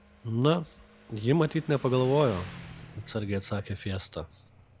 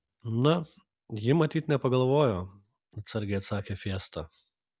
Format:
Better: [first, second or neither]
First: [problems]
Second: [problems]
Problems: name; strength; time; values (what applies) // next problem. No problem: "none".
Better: second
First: background sound (Motorcycle); 19 dB below the speech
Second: none